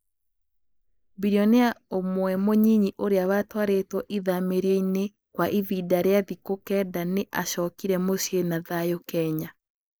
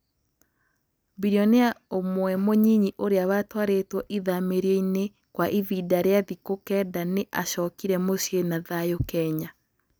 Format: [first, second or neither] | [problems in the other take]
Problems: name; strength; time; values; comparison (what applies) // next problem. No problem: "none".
second | noise reduction (neural mask model Resemble Enhance denoiser)